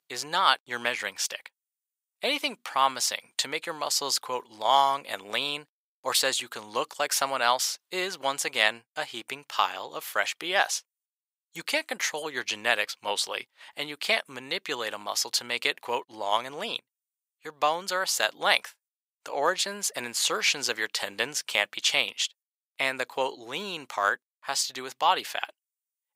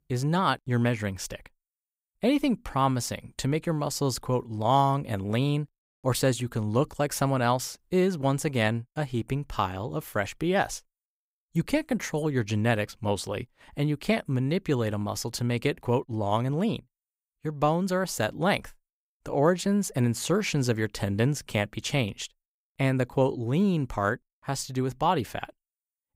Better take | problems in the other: second | thin; very; fading below 800 Hz

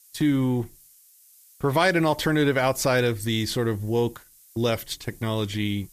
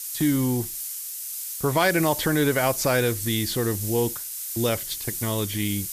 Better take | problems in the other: first | hiss; loud; throughout; 5 dB below the speech; faint in the first

